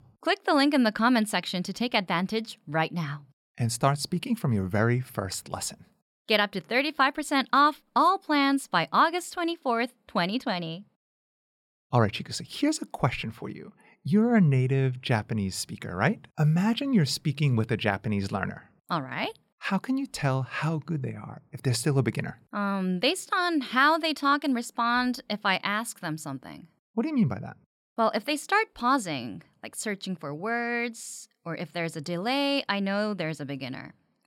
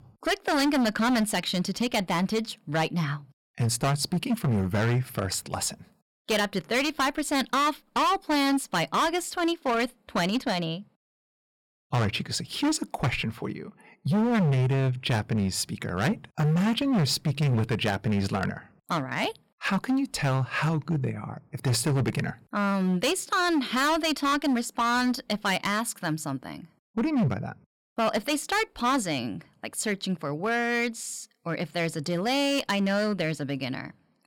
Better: first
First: none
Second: distortion; heavy; 13% of the sound clipped

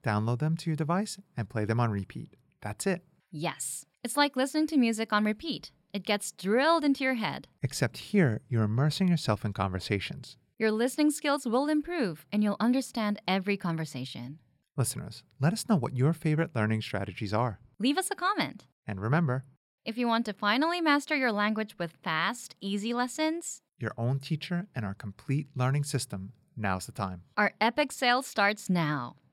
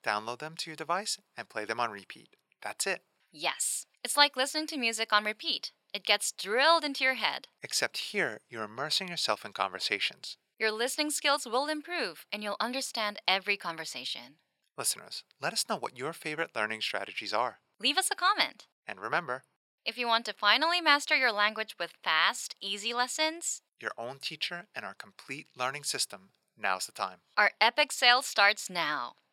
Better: first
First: none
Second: thin; very; fading below 600 Hz

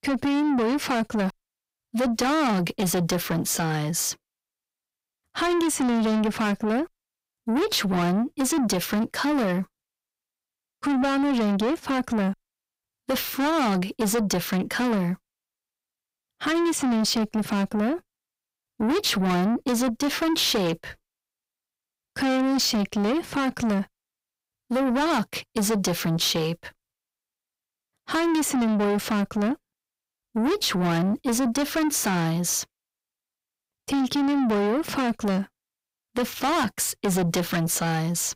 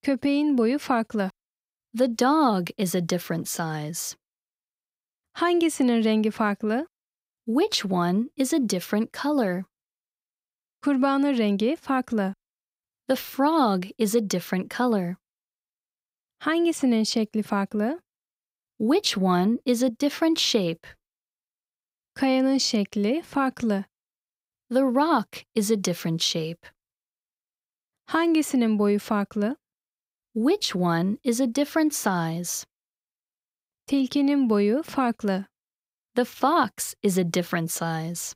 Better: second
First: distortion; heavy; 6 dB below the speech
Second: none

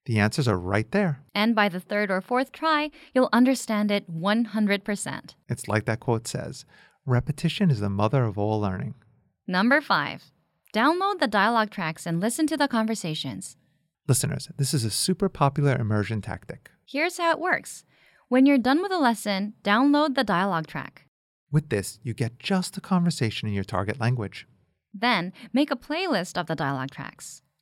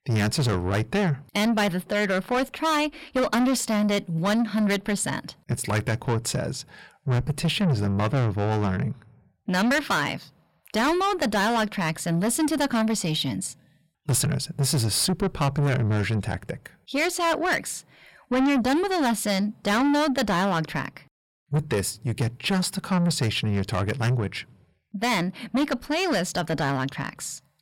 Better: first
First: none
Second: distortion; heavy; 7 dB below the speech

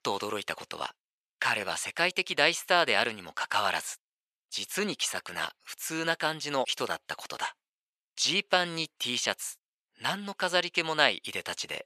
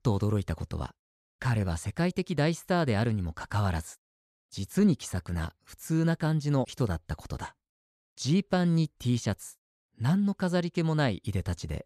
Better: second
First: thin; very; fading below 650 Hz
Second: none

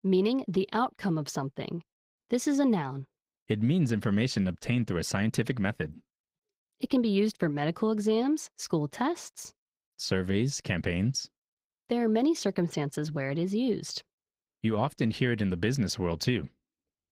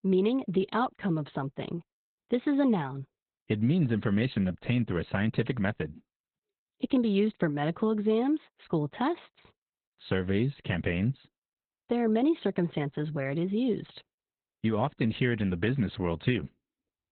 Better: first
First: garbled, watery; slightly; nothing above 15.5 kHz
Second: garbled, watery; badly; nothing above 4 kHz

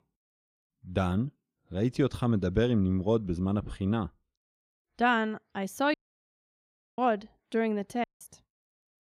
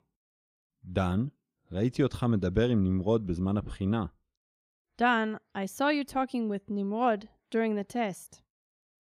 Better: second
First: audio cutting out; at 6 s for 1 s and at 8 s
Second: none

